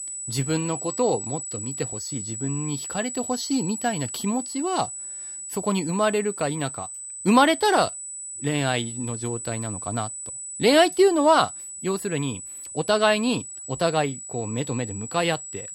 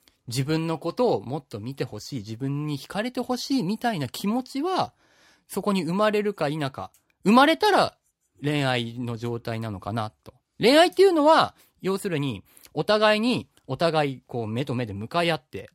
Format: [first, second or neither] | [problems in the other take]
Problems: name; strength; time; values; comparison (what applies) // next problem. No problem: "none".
second | high-pitched whine; loud; throughout; 8 kHz, 8 dB below the speech